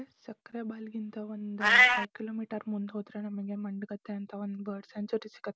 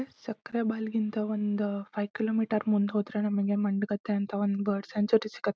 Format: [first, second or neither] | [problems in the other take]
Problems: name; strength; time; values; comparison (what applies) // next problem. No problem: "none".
second | background sound (Meow); 5 dB above the speech